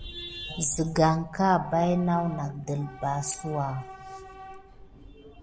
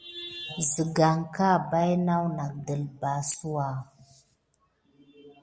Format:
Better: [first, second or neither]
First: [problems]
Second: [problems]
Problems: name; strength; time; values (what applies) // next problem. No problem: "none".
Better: second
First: background sound (Subway, metro, underground / Train); 16 dB below the speech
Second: none